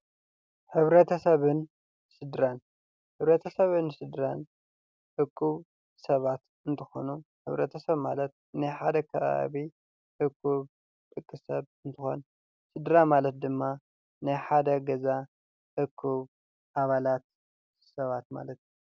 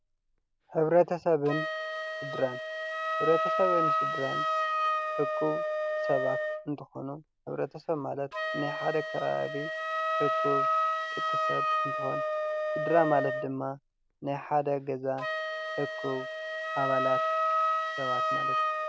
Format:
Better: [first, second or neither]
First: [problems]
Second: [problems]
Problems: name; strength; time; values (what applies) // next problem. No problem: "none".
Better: first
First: none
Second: background sound (Wind instrument, woodwind instrument); 1 dB above the speech